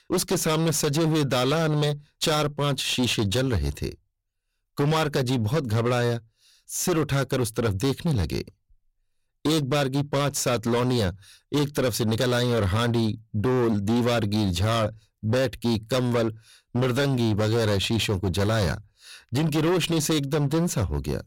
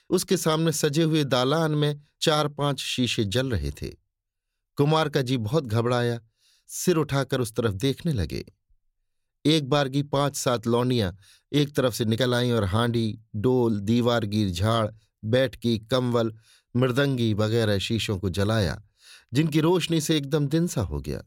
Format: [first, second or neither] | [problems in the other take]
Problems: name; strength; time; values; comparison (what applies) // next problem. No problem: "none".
second | distortion; heavy; 22% of the sound clipped